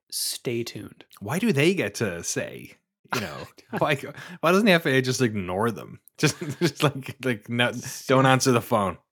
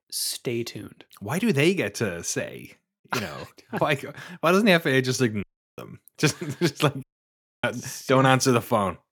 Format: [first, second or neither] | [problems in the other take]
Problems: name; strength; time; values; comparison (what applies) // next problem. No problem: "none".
first | audio cutting out; at 5.5 s and at 7 s for 0.5 s